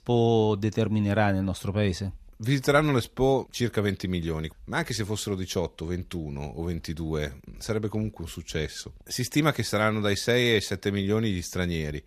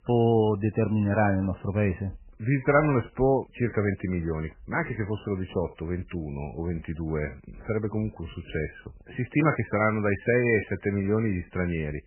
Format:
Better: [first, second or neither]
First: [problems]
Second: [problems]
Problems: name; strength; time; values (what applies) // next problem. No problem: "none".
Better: first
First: none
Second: garbled, watery; badly; nothing above 2.5 kHz